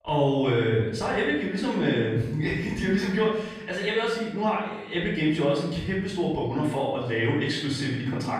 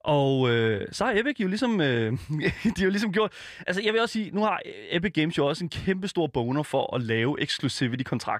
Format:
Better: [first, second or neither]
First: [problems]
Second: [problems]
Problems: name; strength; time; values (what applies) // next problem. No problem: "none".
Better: second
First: off-mic speech; far // room echo; noticeable; dies away in 0.9 s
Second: none